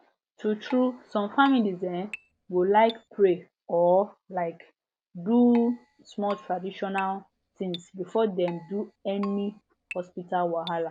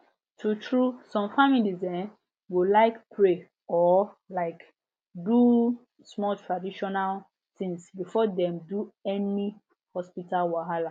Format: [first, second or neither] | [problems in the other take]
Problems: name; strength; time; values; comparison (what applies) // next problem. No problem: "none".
second | background sound (Keyboard (musical)); 19 dB below the speech